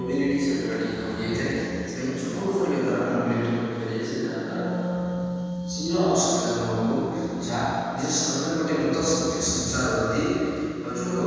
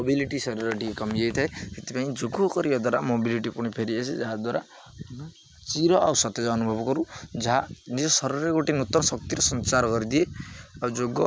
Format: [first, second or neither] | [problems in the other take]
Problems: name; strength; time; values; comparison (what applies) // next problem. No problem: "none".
second | background sound (Wind instrument, woodwind instrument); 9 dB below the speech // room echo; dies away in 2.1 s